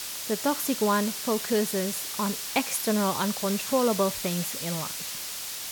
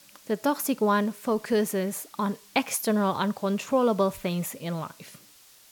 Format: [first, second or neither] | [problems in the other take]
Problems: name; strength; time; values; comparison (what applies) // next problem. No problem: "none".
second | hiss; loud; throughout; 4 dB below the speech; faint in the second